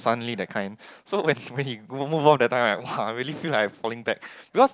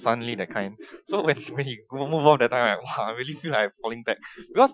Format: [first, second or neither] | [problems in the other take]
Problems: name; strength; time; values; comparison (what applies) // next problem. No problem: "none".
first | noise reduction (classical method Wiener filter)